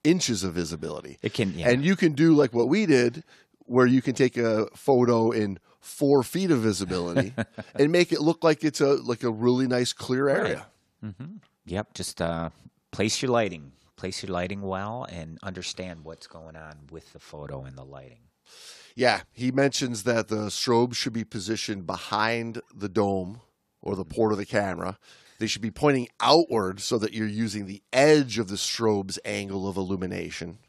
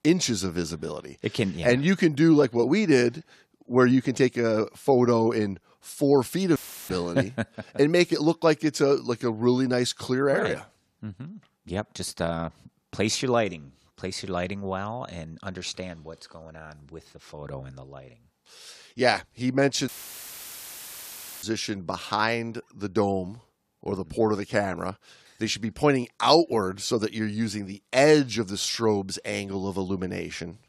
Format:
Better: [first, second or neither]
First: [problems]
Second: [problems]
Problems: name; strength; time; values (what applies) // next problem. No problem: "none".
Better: first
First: none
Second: audio cutting out; filled with static; at 6.5 s and at 20 s for 1.5 s